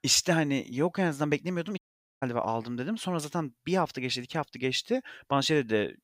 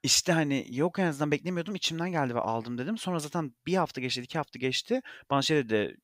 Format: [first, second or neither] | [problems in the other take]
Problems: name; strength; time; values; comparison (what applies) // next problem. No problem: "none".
second | audio cutting out; at 2 s